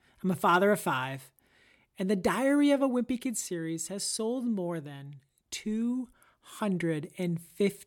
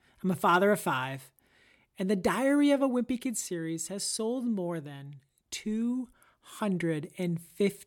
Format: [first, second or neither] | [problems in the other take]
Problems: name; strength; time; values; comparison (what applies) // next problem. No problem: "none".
neither | none